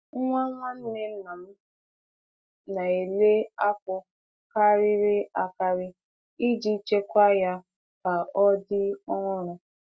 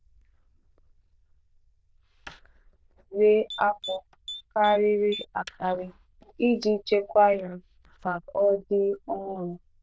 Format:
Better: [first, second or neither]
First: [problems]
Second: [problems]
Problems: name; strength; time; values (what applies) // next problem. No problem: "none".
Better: first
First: none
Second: noise reduction (neural diffusion model UNIVERSE++)